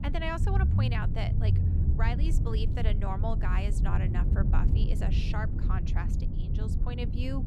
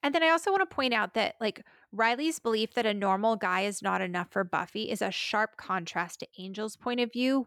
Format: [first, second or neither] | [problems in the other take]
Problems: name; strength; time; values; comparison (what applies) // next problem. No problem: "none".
second | low rumble; loud; throughout; 5 dB below the speech